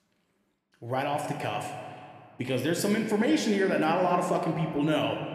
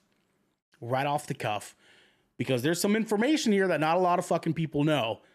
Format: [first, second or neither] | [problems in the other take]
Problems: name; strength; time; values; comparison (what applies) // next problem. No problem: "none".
second | room echo; slight; dies away in 1.9 s